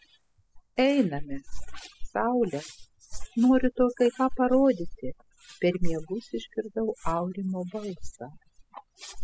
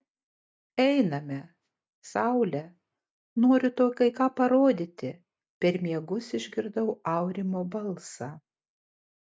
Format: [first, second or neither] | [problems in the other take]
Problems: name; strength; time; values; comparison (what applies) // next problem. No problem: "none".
second | noise reduction (classical method spectral subtraction)